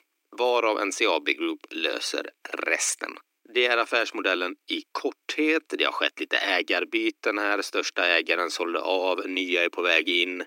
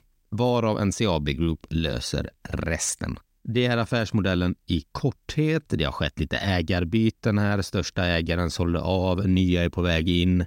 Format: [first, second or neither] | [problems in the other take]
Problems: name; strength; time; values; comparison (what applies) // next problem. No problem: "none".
second | thin; very; fading below 300 Hz